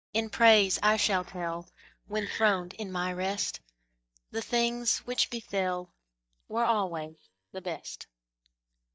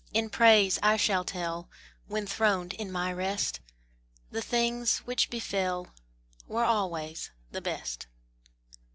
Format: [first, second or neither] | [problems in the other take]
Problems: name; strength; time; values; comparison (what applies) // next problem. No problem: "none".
second | noise reduction (neural mask model DeepFilterNet 3)